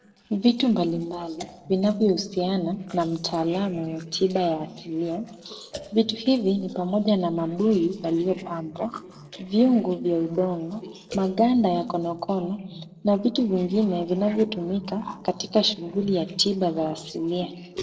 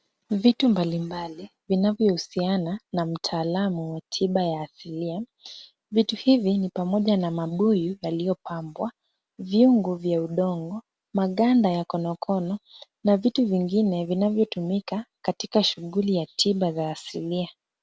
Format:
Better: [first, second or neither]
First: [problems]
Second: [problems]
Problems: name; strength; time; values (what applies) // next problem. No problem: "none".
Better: second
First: noise reduction (neural separator model SepFormer DNS4)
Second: none